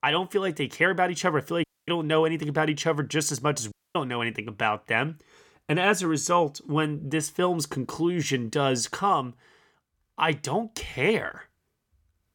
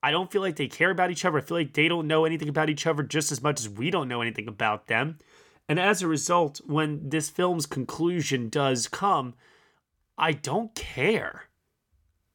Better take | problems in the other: second | audio cutting out; at 1.5 s and at 3.5 s

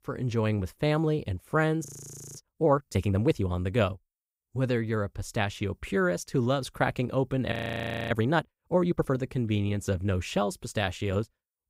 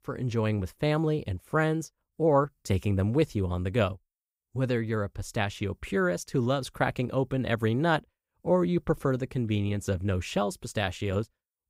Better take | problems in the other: second | audio freezing; at 2 s for 0.5 s and at 7.5 s for 0.5 s

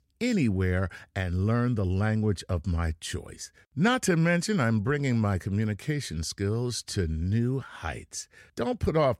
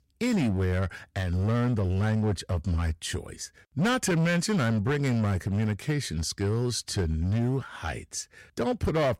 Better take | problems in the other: first | distortion; slight; 13% of the sound clipped

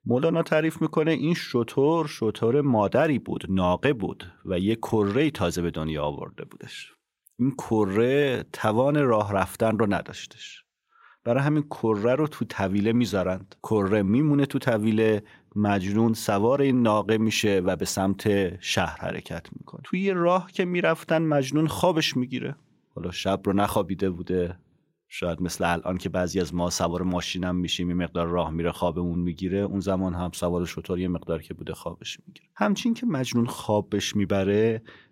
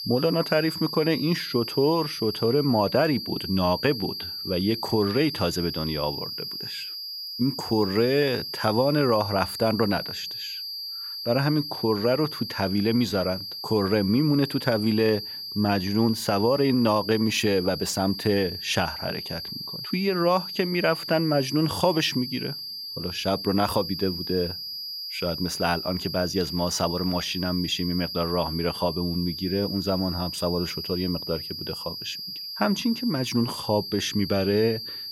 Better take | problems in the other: first | high-pitched whine; loud; throughout; 5 kHz, 7 dB below the speech

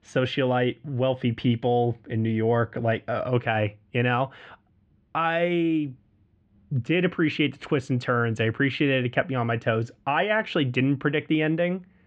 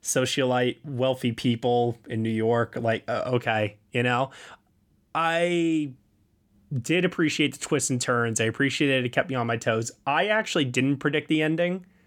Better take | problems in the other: second | muffled; very; fading above 3 kHz

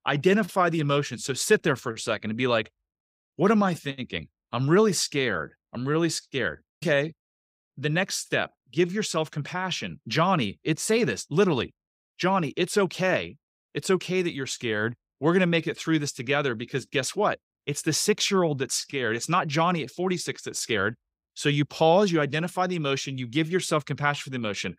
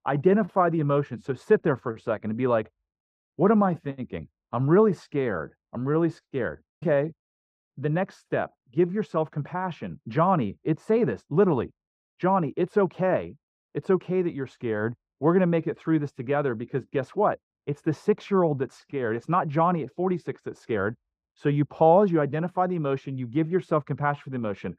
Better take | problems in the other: first | muffled; very; fading above 2.5 kHz

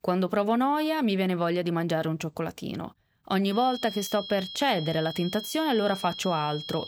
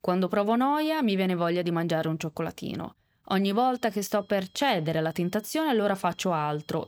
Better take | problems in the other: second | high-pitched whine; loud; from 3.5 s on; 3.5 kHz, 10 dB below the speech; faint in the second

